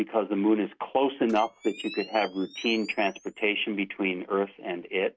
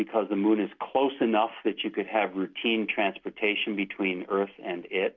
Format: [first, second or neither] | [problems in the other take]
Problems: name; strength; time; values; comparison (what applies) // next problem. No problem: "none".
second | noise reduction (neural mask model RNNoise)